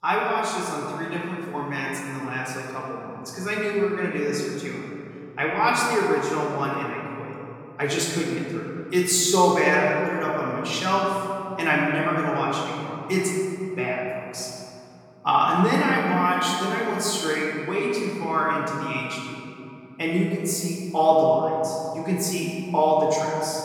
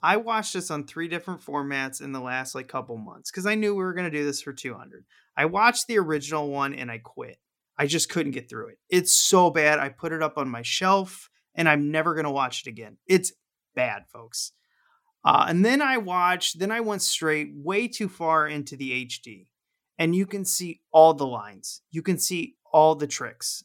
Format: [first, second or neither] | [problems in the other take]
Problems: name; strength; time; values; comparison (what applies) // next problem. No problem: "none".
second | room echo; noticeable; dies away in 2.8 s // off-mic speech; far